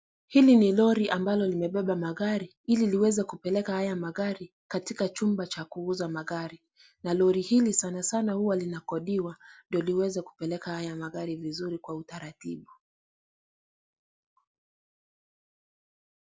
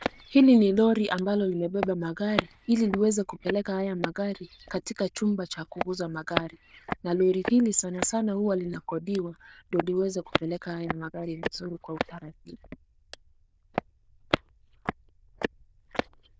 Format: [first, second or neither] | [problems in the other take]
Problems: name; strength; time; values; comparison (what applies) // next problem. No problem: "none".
first | noise reduction (neural diffusion model UNIVERSE++)